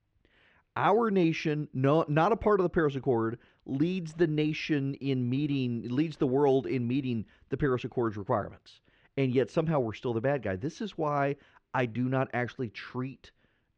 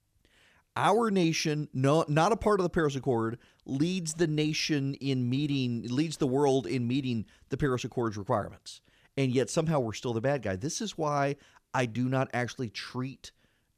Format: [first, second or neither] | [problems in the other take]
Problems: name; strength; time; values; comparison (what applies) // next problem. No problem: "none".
second | muffled; slightly; fading above 2.5 kHz